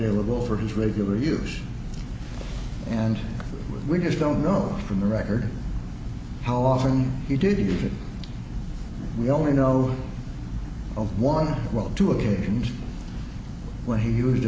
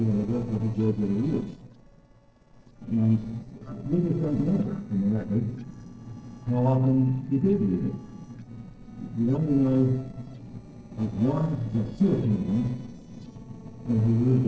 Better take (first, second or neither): first